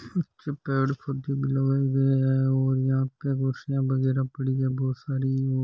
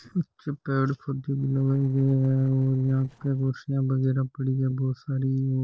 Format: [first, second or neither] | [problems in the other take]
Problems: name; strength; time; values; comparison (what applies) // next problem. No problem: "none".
first | noise reduction (neural separator model SepFormer DNS4)